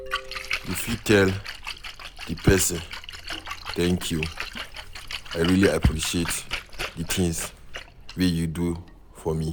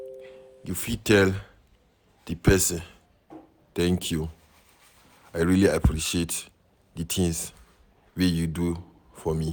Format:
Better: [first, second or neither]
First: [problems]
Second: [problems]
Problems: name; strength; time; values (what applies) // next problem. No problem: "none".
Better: second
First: background sound (Splash, splatter); 9 dB below the speech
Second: none